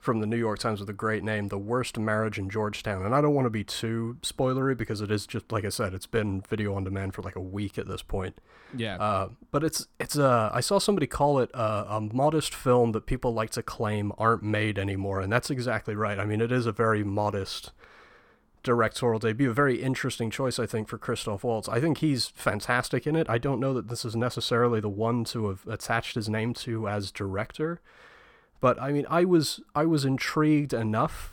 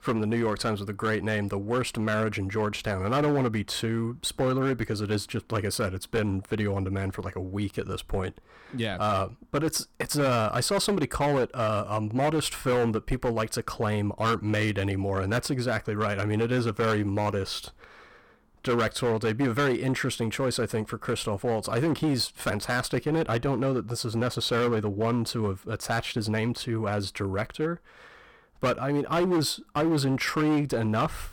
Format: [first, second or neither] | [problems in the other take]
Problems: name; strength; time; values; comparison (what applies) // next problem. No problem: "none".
first | distortion; slight; 10% of the sound clipped